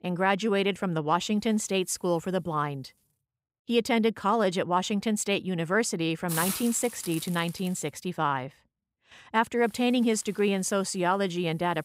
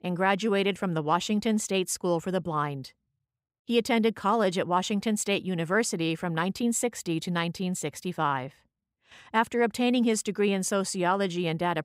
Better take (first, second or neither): second